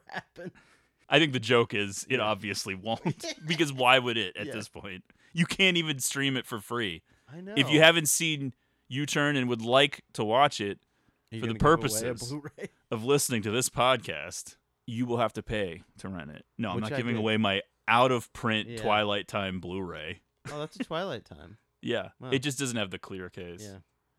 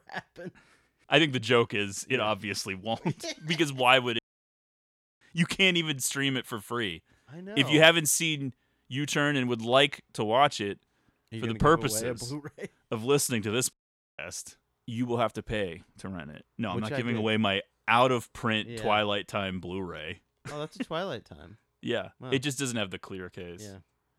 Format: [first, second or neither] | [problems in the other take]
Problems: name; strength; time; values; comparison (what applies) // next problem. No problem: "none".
first | audio cutting out; at 4 s for 1 s and at 14 s